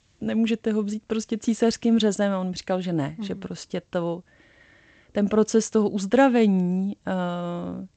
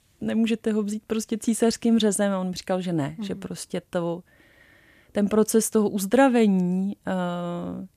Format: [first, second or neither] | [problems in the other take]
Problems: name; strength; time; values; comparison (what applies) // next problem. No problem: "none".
second | garbled, watery; slightly; nothing above 8 kHz